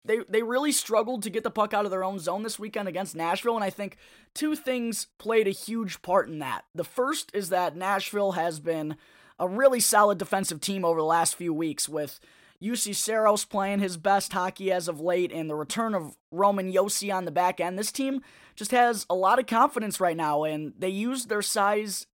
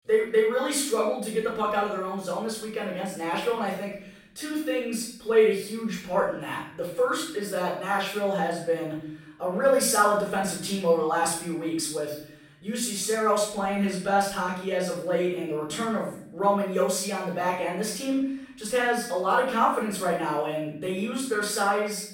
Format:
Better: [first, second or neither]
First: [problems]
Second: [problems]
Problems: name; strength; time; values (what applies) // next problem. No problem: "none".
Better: first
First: none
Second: off-mic speech; far // room echo; noticeable; dies away in 0.6 s